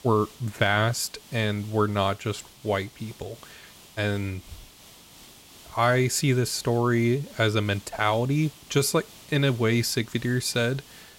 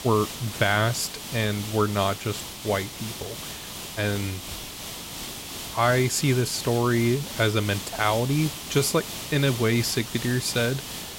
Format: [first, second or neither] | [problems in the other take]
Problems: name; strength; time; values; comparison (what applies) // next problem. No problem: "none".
first | hiss; loud; throughout; 9 dB below the speech; faint in the first